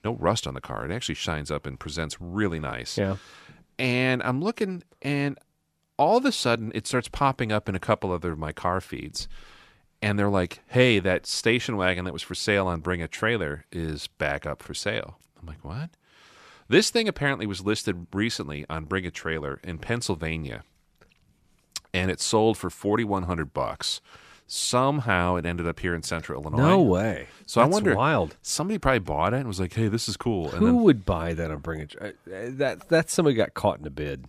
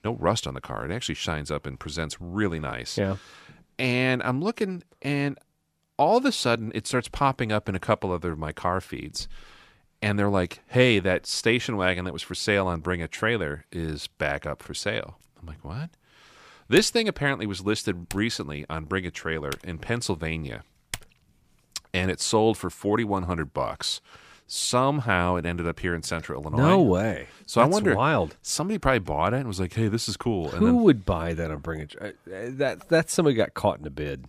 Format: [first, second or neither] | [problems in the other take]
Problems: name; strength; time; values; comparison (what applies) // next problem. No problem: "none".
first | keyboard typing; faint; from 17 to 21 s; peak 10 dB below the speech